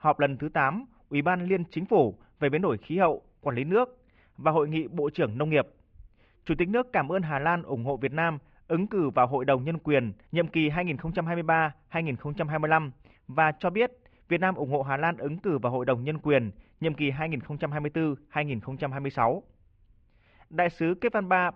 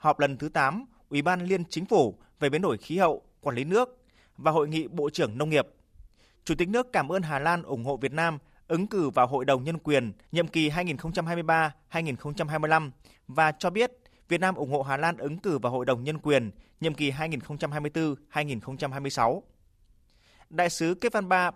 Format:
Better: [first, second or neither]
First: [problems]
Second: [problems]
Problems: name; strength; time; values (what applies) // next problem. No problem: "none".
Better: second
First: muffled; very; fading above 2.5 kHz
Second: none